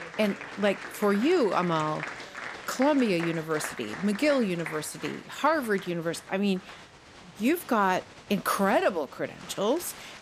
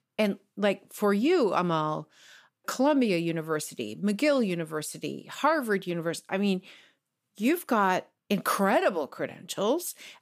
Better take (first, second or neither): second